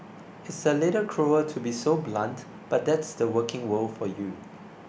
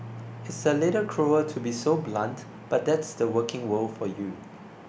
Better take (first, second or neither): first